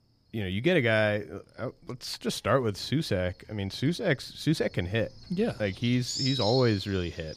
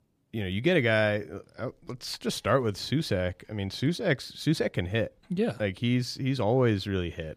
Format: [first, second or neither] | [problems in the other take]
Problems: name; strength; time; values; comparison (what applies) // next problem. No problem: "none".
second | animal sounds; loud; throughout; 7 dB below the speech